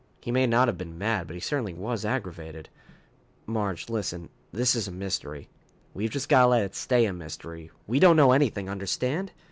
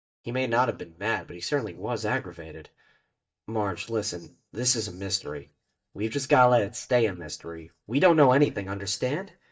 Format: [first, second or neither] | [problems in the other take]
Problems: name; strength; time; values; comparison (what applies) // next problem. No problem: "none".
first | noise reduction (neural mask model DeepFilterNet 3)